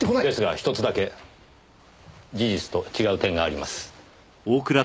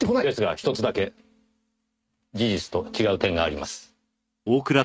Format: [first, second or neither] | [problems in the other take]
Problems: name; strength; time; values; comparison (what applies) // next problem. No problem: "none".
first | noise reduction (neural mask model RNNoise)